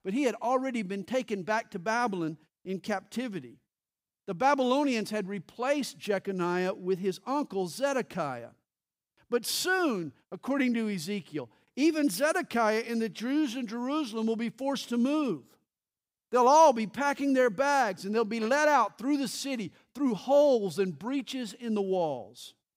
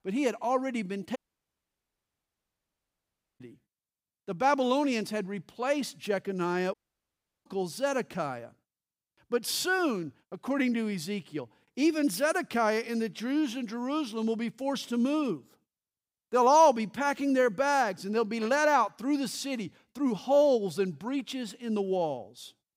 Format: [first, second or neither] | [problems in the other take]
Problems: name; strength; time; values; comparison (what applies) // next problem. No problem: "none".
first | audio cutting out; at 1 s for 2 s and at 6.5 s for 0.5 s